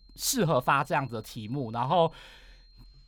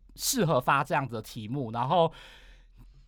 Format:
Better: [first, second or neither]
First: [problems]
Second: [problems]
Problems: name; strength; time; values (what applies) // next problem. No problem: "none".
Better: second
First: high-pitched whine; faint; throughout; 4 kHz, 35 dB below the speech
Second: none